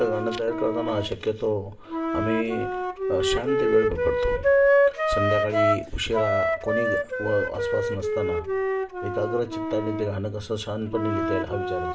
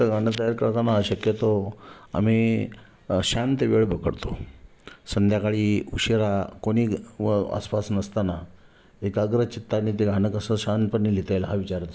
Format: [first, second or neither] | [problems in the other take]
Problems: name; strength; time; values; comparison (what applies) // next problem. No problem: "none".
second | background sound (Wind instrument, woodwind instrument); 3 dB above the speech // room echo; dies away in 0.2 s